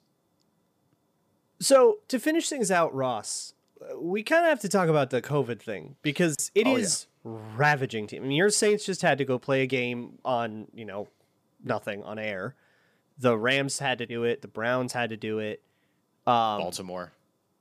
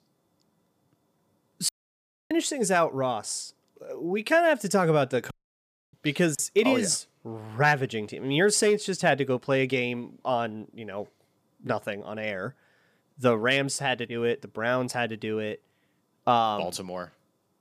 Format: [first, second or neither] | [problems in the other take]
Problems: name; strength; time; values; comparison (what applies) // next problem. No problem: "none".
first | audio cutting out; at 1.5 s for 0.5 s and at 5.5 s for 0.5 s